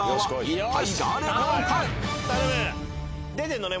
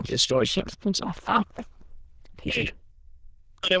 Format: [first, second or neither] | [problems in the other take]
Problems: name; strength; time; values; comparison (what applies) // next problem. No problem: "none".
first | noise reduction (neural diffusion model UNIVERSE++)